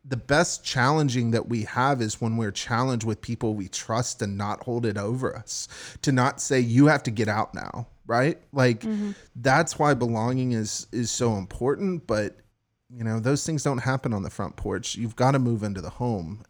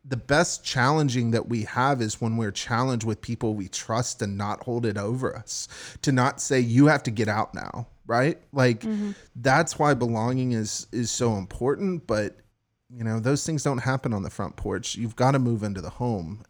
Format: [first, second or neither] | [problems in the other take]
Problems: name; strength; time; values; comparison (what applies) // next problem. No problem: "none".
neither | none